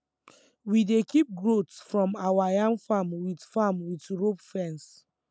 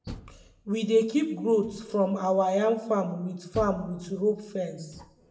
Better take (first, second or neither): first